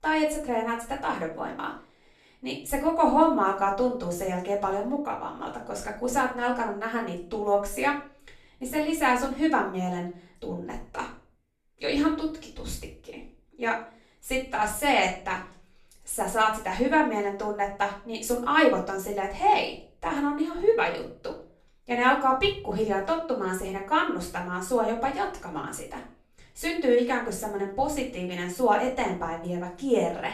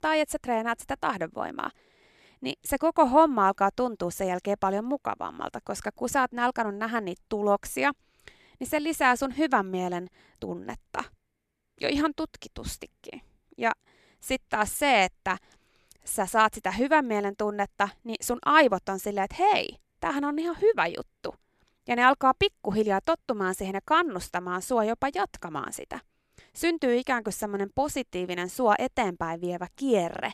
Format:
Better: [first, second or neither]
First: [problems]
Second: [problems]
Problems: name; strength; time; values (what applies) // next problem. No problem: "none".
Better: second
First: off-mic speech; far // room echo; slight; dies away in 0.4 s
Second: none